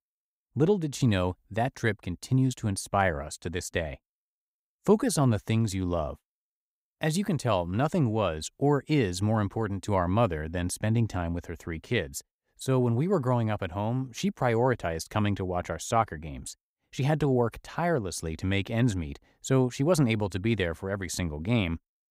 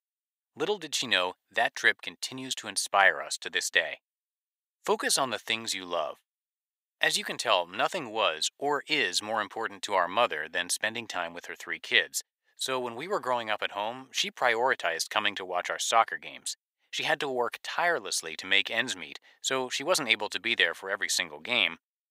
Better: first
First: none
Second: thin; very; fading below 650 Hz

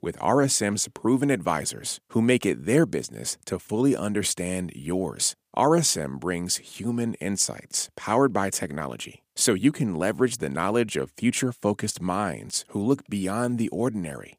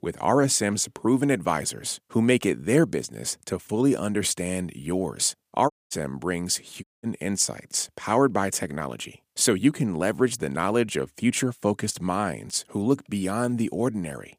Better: first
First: none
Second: audio cutting out; at 5.5 s and at 7 s

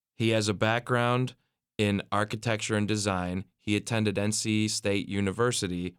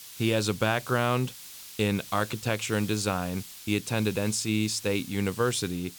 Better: first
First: none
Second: hiss; noticeable; throughout; 15 dB below the speech

